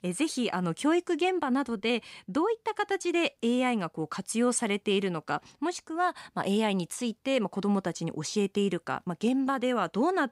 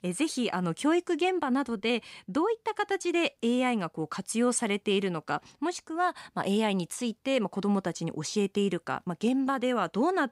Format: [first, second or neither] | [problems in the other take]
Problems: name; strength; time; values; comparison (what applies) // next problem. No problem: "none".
neither | none